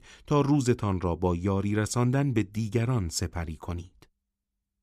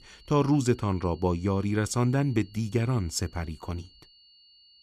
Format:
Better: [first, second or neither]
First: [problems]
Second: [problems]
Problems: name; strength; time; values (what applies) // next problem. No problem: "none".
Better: first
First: none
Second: high-pitched whine; faint; throughout; 4.5 kHz, 25 dB below the speech